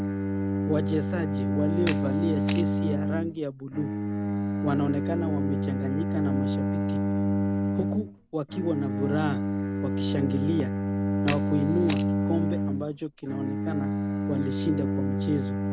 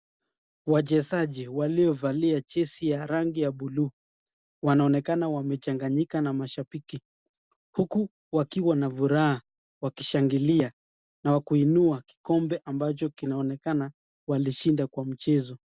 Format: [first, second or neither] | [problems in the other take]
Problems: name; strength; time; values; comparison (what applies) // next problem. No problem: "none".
second | background sound (Camera + Bowed string instrument); 4 dB above the speech